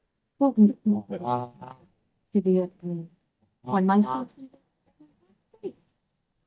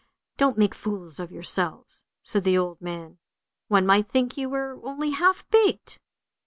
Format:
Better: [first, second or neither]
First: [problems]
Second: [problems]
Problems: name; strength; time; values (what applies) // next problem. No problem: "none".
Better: second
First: noise reduction (neural mask model DeepFilterNet 3)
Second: none